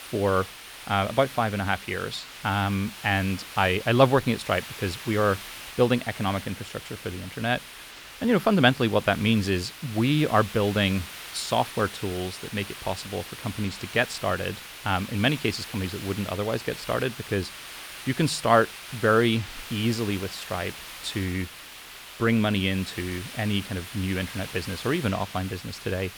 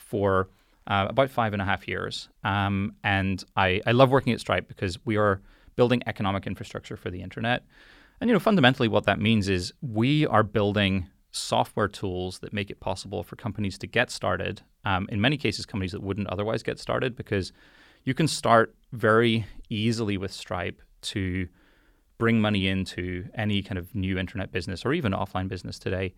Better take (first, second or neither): second